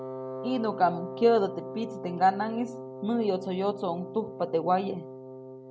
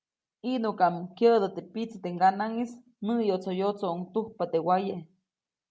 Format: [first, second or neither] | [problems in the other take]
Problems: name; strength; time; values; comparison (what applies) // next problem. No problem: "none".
second | background sound (Wind instrument, woodwind instrument); 11 dB below the speech